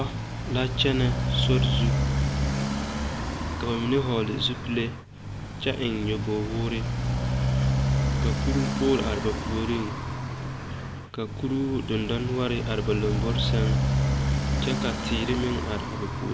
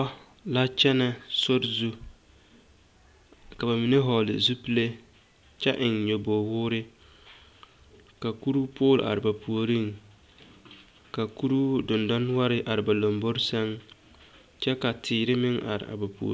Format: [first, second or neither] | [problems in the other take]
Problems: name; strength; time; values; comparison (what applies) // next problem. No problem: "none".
second | background sound (Motorcycle); 3 dB above the speech